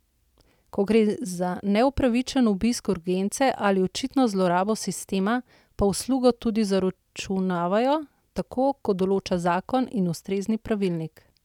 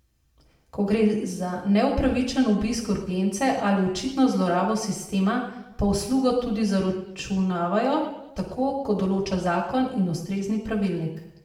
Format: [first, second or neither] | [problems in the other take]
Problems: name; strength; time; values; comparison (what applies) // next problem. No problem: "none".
first | room echo; dies away in 0.7 s